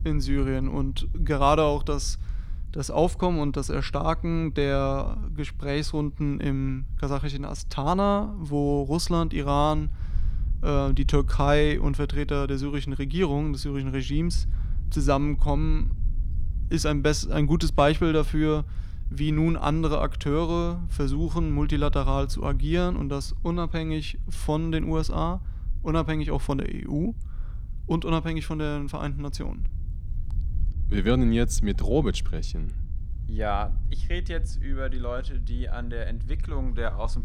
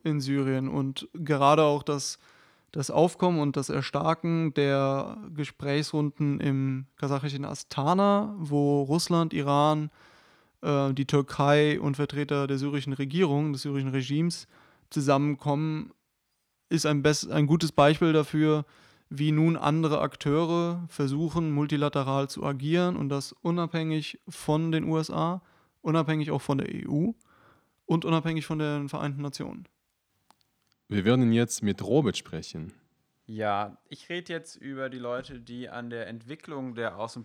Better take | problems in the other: second | low rumble; faint; throughout; 25 dB below the speech

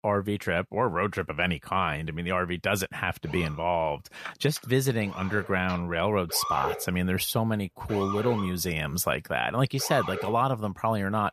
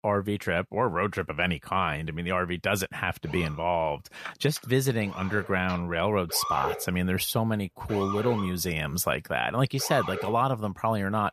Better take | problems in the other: neither | siren; noticeable; from 3.5 to 10 s; peak 3 dB below the speech; the same in both

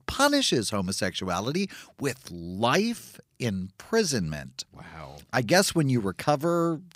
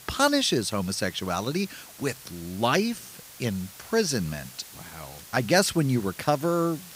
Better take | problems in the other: first | hiss; noticeable; throughout; 20 dB below the speech

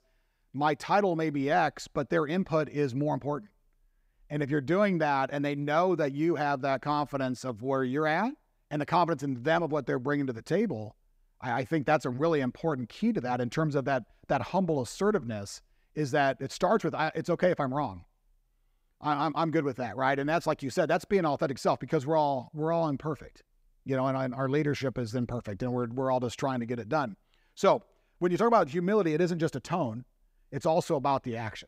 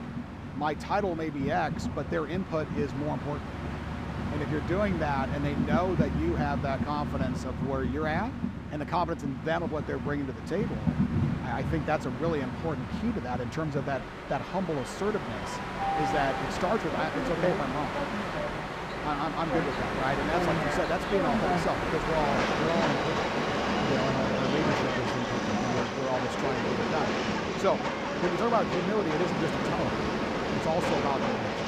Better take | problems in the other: first | train or aircraft noise; very loud; throughout; 1 dB above the speech

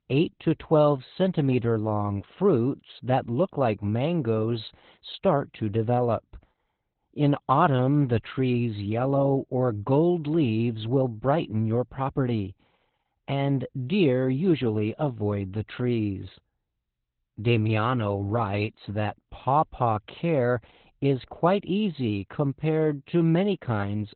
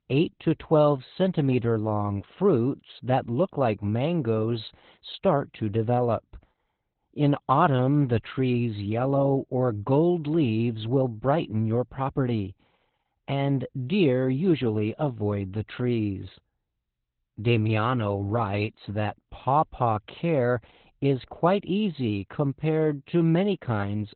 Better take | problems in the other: neither | garbled, watery; badly; nothing above 4 kHz; the same in both

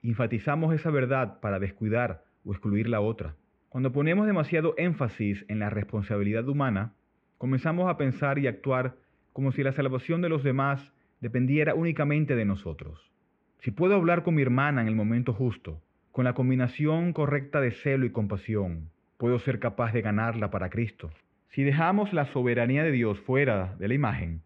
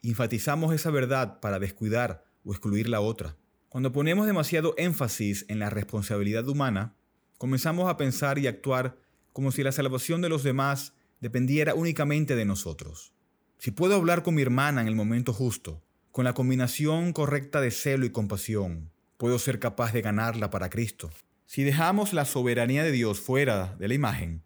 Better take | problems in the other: second | muffled; very; fading above 2.5 kHz

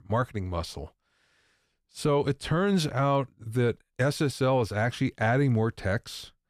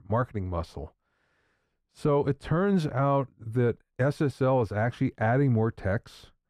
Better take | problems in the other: first | muffled; slightly; fading above 2 kHz

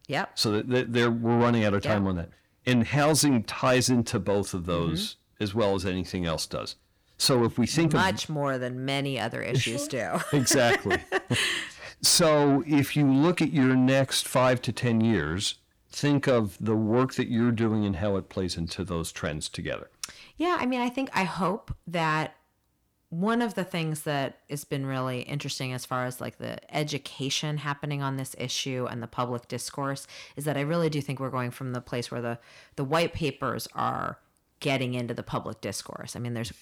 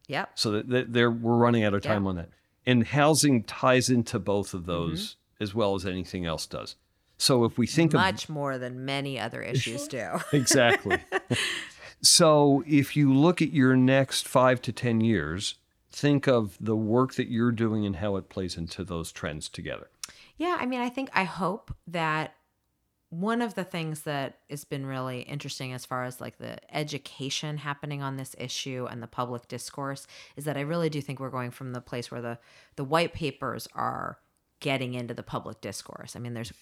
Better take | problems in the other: second | distortion; slight; 10 dB below the speech

